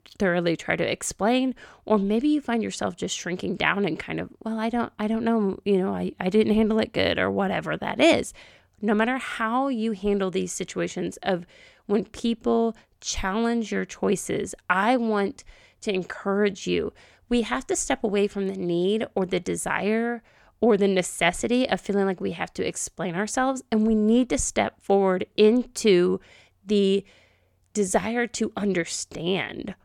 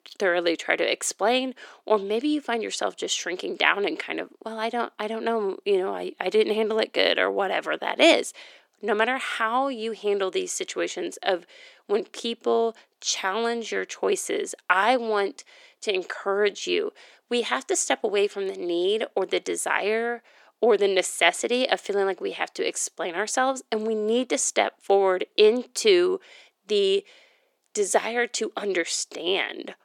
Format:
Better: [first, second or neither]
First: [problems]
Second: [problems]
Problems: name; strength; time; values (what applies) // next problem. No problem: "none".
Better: first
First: none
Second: thin; somewhat; fading below 300 Hz